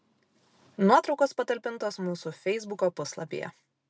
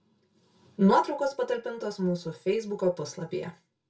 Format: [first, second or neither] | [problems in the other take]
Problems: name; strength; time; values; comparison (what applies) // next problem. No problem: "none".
first | room echo; dies away in 0.2 s